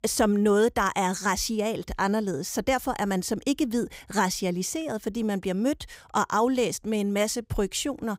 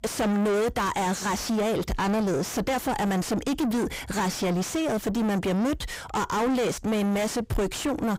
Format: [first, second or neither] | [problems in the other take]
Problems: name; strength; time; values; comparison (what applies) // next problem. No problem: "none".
first | distortion; heavy; 4 dB below the speech